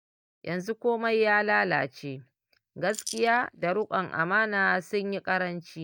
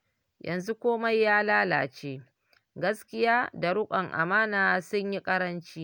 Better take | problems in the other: second | noise reduction (neural mask model DeepFilterNet 3)

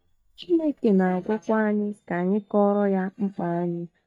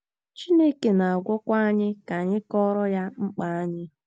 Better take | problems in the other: second | noise reduction (neural mask model DeepFilterNet 3)

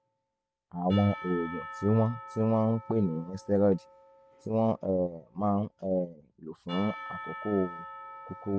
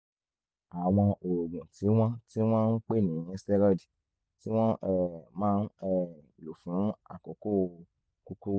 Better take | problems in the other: second | background sound (Church bell / Percussion); 15 dB below the speech

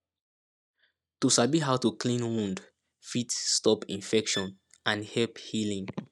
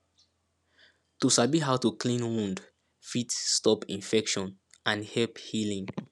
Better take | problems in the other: second | noise reduction (neural mask model DeepFilterNet 3)

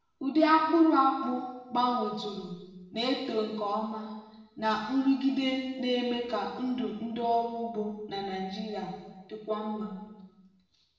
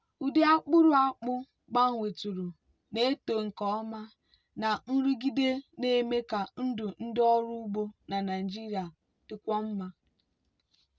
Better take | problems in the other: second | room echo; dies away in 1.2 s

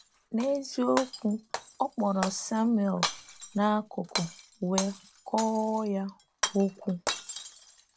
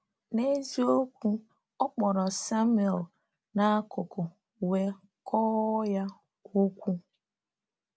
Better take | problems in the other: second | background sound (Shatter); 8 dB below the speech

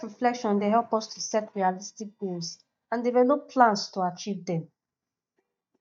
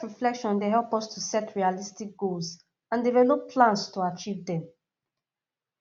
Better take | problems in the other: second | noise reduction (neural mask model DeepFilterNet 3)

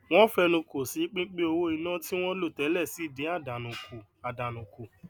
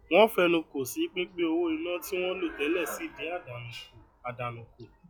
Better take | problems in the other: first | noise reduction (classical method log-MMSE)

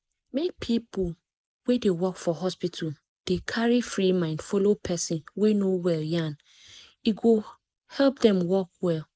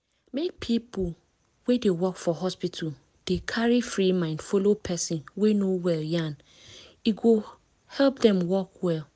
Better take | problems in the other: second | noise reduction (neural mask model Resemble Enhance denoiser)

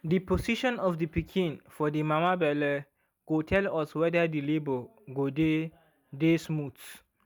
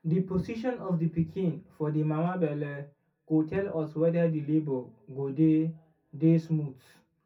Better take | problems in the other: first | room echo; dies away in 0.3 s

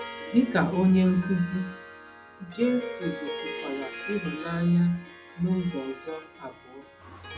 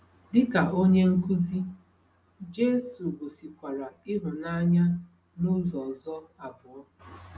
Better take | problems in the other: second | background sound (Harp); 13 dB below the speech

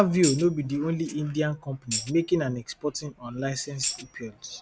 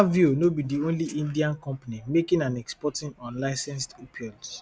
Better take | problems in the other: second | background sound (Tambourine); 7 dB below the speech

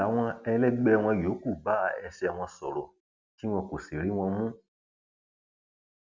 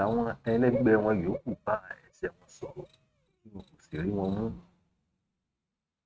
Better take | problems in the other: first | noise reduction (neural mask model RNNoise)

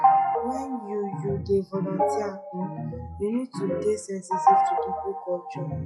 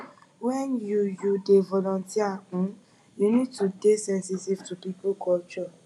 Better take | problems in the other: second | noise reduction (classical method log-MMSE)

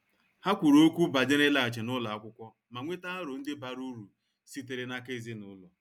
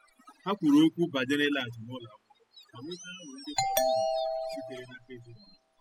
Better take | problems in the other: first | noise reduction (classical method spectral subtraction)

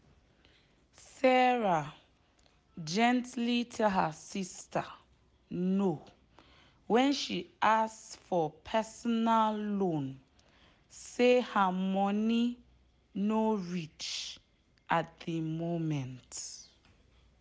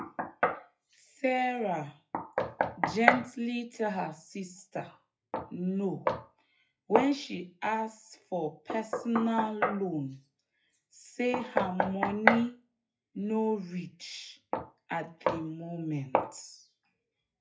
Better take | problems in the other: first | noise reduction (classical method WPE with log-MMSE)

